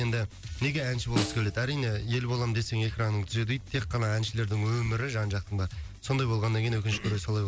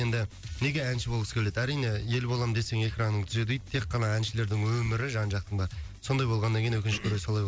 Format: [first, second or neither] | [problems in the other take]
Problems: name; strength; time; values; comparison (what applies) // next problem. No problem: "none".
second | background sound (Snare drum); 10 dB below the speech